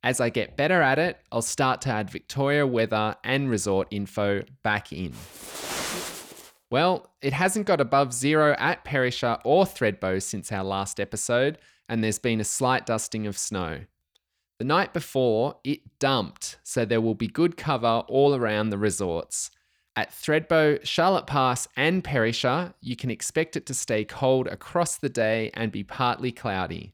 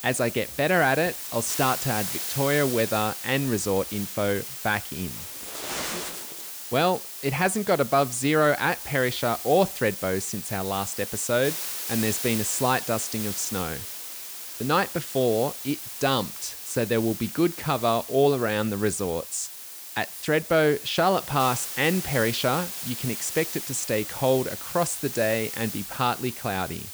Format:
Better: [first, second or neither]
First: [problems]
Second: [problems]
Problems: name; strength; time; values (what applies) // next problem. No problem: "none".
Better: first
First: none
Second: hiss; loud; throughout; 7 dB below the speech